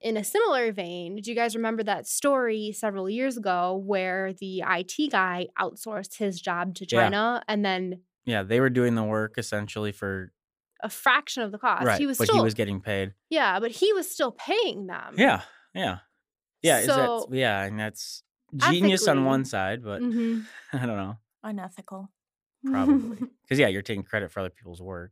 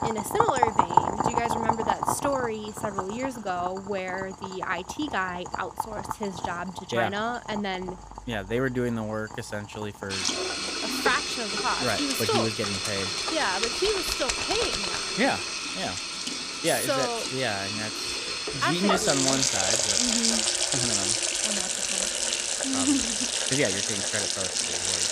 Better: first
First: none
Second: household noises; very loud; throughout; 4 dB above the speech

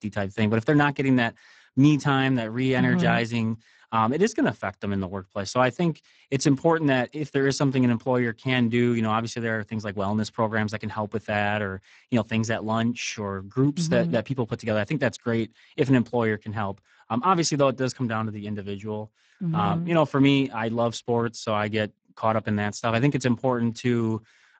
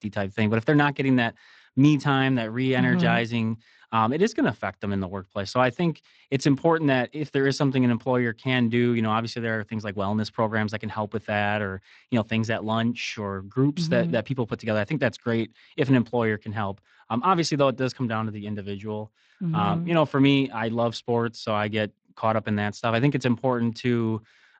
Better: second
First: garbled, watery; badly; nothing above 7.5 kHz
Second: garbled, watery; slightly; nothing above 7.5 kHz

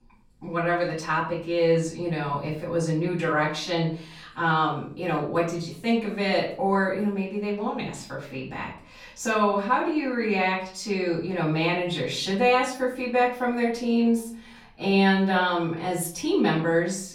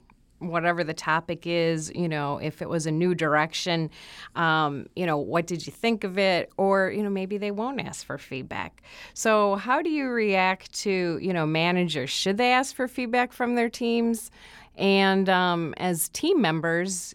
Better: second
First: off-mic speech; far // room echo; slight; dies away in 0.4 s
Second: none

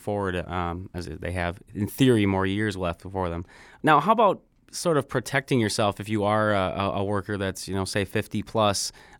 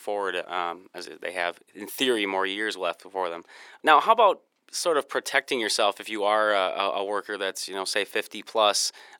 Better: first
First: none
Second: thin; very; fading below 400 Hz

